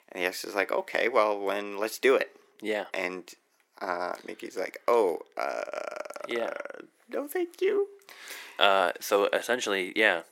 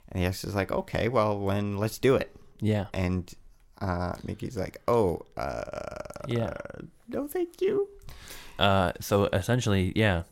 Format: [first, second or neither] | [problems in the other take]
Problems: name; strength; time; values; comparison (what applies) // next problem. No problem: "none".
second | thin; very; fading below 300 Hz